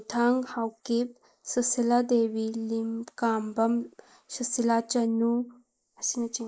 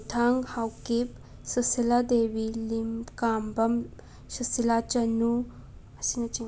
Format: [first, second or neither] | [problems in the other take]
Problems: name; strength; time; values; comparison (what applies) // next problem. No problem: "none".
second | noise reduction (neural mask model Resemble Enhance denoiser)